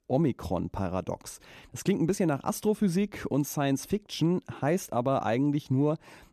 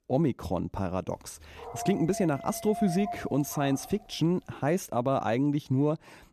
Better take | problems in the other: first | dog barking; noticeable; from 1.5 to 4 s; peak 7 dB below the speech

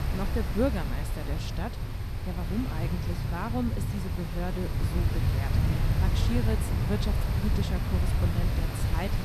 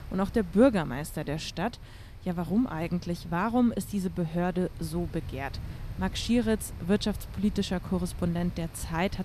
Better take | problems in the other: second | wind noise on the microphone; heavy; 1 dB below the speech; occasional gusts in the second

